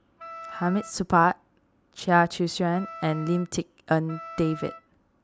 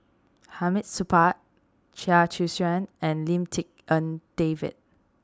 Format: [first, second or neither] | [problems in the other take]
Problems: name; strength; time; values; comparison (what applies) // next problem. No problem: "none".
second | background sound (Wind instrument, woodwind instrument); 16 dB below the speech